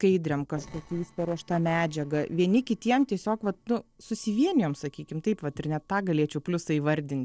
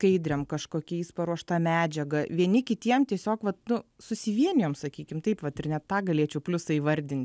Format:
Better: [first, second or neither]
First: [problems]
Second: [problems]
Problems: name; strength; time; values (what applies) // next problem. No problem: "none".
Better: second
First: noise reduction (neural separator model SepFormer DNS4)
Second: none